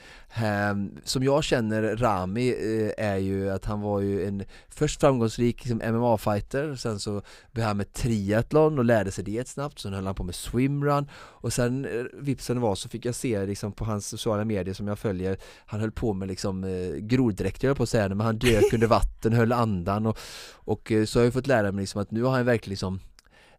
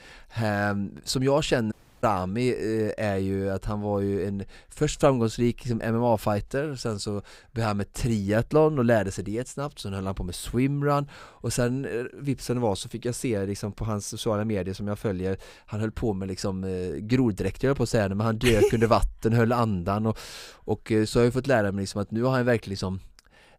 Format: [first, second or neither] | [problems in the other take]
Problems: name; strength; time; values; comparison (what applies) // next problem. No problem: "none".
first | audio cutting out; at 1.5 s